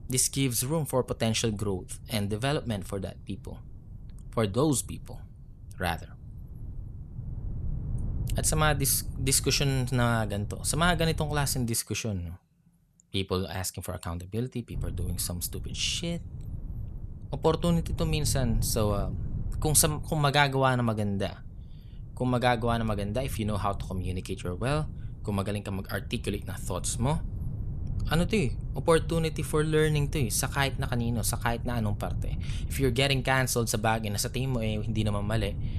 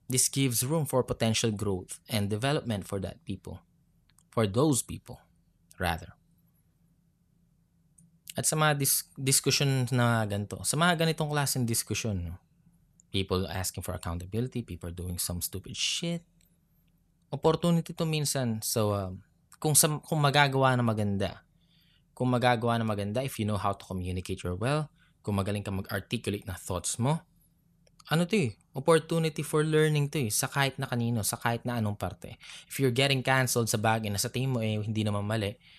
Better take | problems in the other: second | low rumble; faint; until 12 s and from 15 s on; 20 dB below the speech

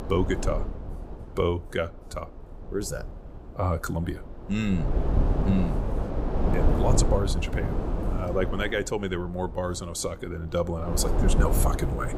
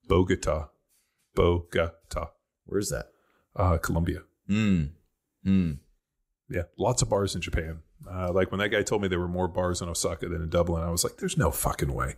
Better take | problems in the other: second | wind noise on the microphone; heavy; 4 dB below the speech

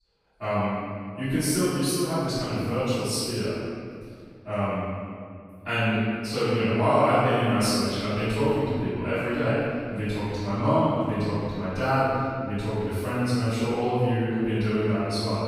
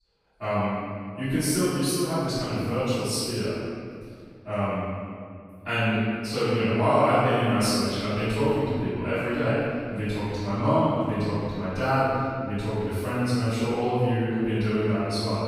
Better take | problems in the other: neither | off-mic speech; far; the same in both // room echo; strong; dies away in 2.1 s; the same in both

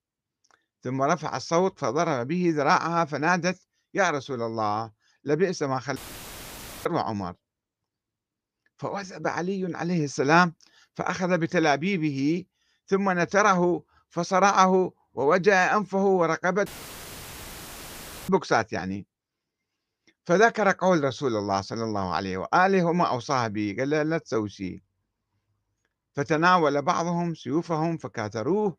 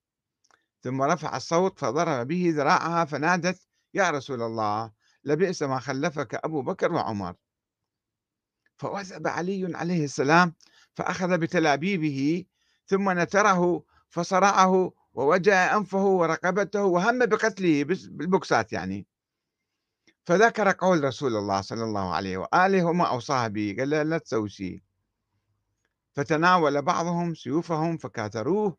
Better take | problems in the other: second | audio cutting out; filled with static; at 6 s for 1 s and at 17 s for 1.5 s

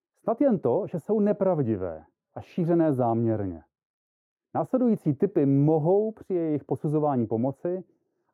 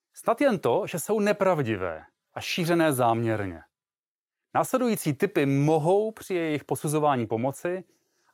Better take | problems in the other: second | muffled; very; fading above 1.5 kHz

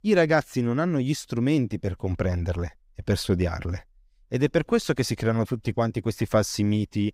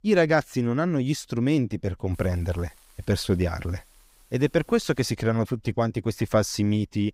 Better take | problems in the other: first | hiss; faint; from 2 to 5 s; 30 dB below the speech

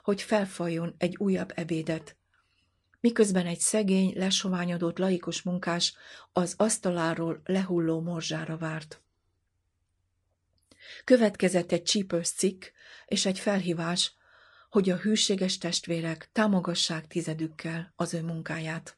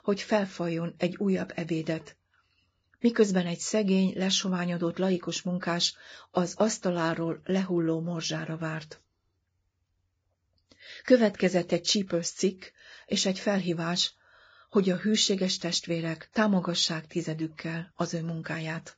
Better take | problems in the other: first | garbled, watery; badly; nothing above 7.5 kHz; slightly in the first

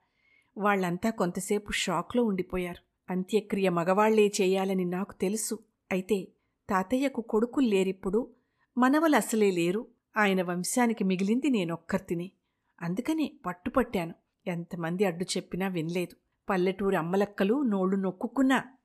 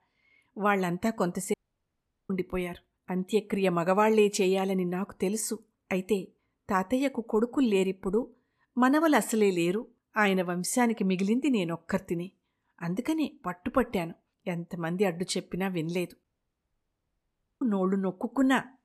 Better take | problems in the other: first | audio cutting out; at 1.5 s for 1 s and at 16 s for 1.5 s

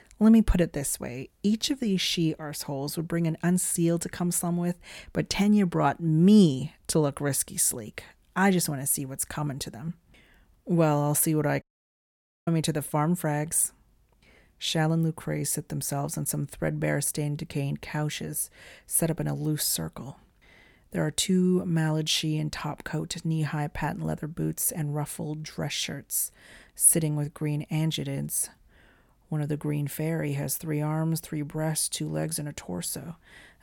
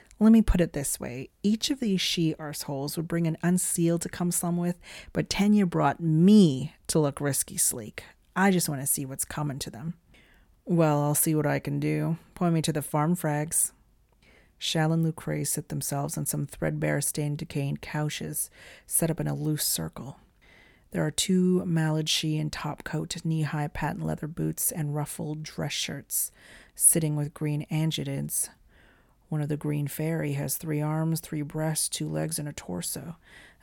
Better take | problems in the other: second | audio cutting out; at 12 s for 1 s

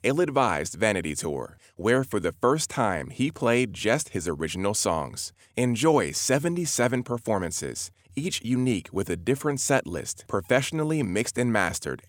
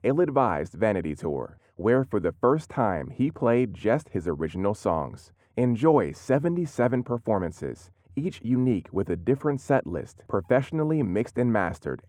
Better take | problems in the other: first | muffled; very; fading above 2.5 kHz

